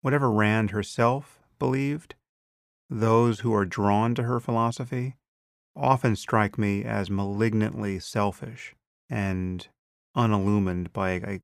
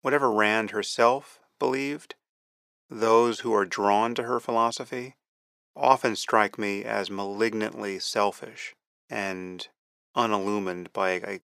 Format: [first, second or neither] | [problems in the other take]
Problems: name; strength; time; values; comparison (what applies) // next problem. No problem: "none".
first | thin; somewhat; fading below 400 Hz